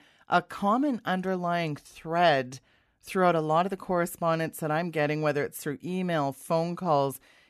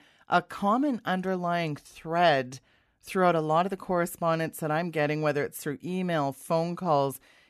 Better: neither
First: none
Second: none

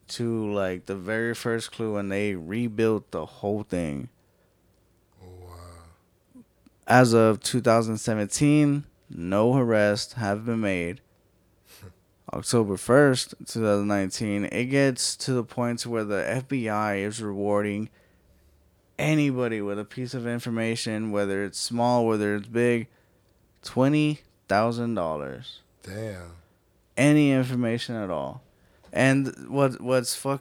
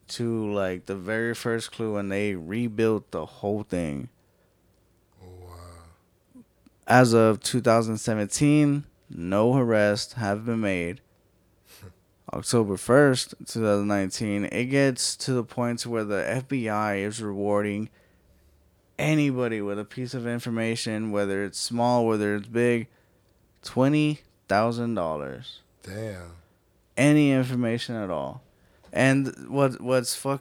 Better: neither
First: none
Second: none

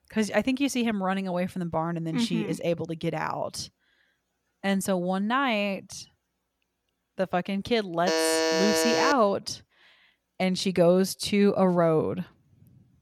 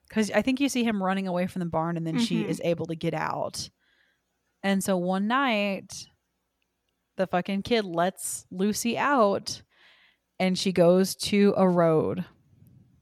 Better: second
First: alarm; loud; from 8 to 9 s; peak 3 dB above the speech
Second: none

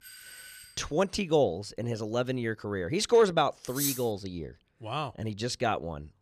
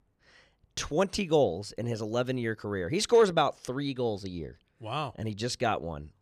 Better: second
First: doorbell; faint; at the start; peak 15 dB below the speech // clattering dishes; noticeable; at 4 s; peak 2 dB below the speech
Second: none

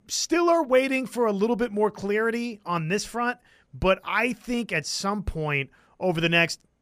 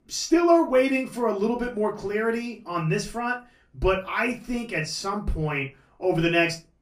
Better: first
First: none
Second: off-mic speech; far // room echo; very slight; dies away in 0.2 s

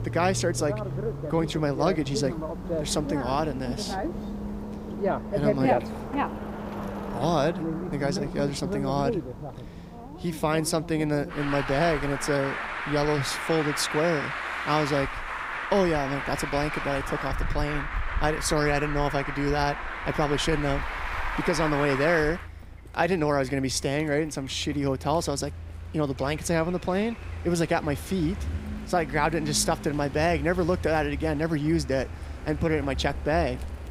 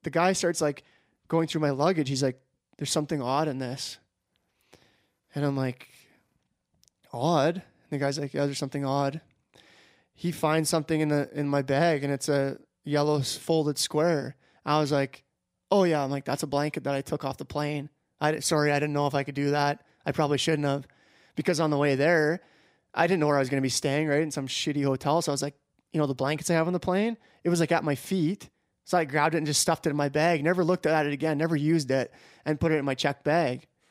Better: second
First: traffic noise; loud; throughout; 6 dB below the speech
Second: none

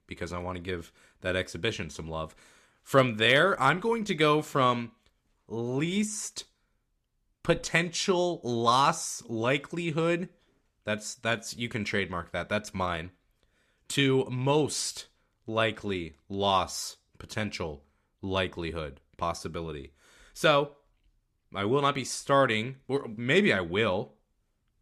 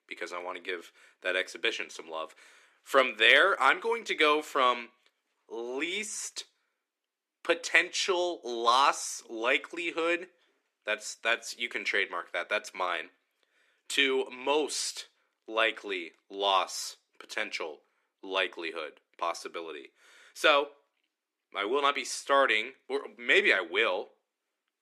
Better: first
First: none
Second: thin; very; fading below 300 Hz

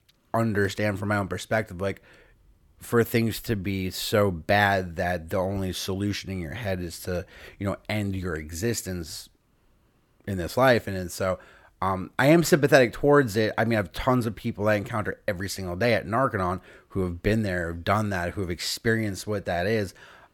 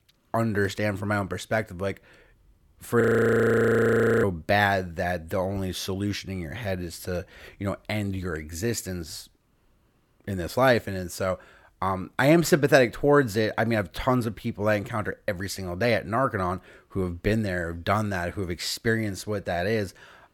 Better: first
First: none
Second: audio freezing; at 3 s for 1 s

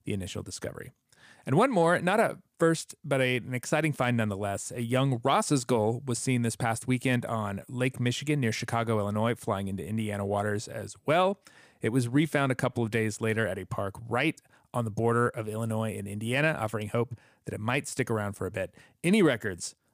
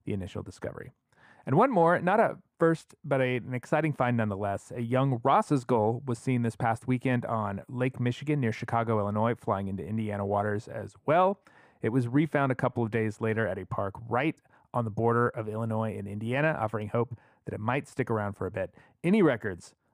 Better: first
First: none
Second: muffled; very; fading above 3 kHz

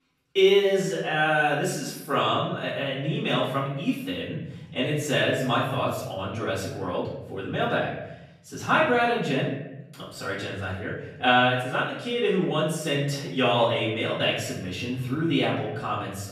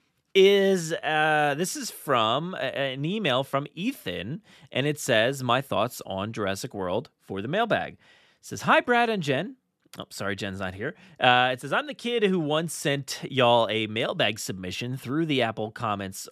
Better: second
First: off-mic speech; far // room echo; noticeable; dies away in 0.9 s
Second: none

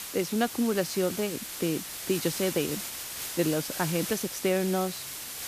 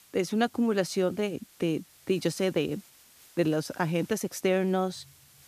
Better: second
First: hiss; loud; throughout; 5 dB below the speech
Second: hiss; faint; throughout; 25 dB below the speech

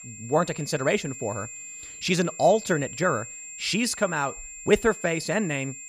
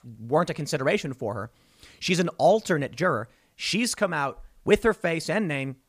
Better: second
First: high-pitched whine; noticeable; throughout; 7.5 kHz, 10 dB below the speech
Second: none

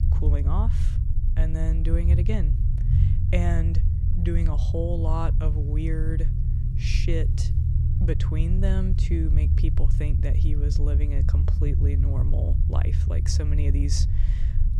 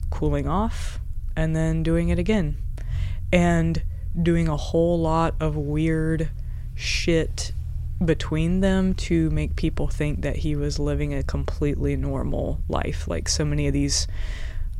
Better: second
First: low rumble; loud; throughout; 4 dB below the speech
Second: low rumble; faint; throughout; 25 dB below the speech

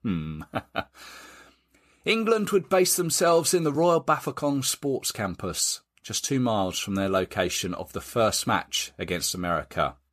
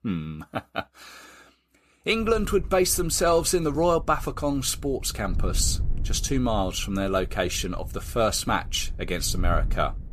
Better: first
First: none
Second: wind noise on the microphone; occasional gusts; from 2 s on; 25 dB below the speech

